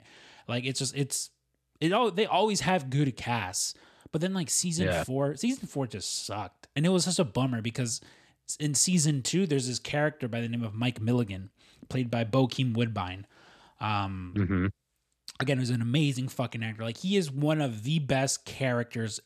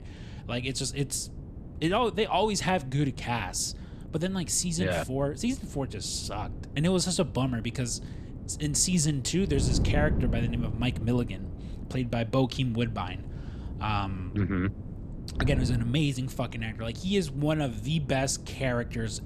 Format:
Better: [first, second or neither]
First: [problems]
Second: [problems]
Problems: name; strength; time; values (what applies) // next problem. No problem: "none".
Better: first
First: none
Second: wind noise on the microphone; occasional gusts; 15 dB below the speech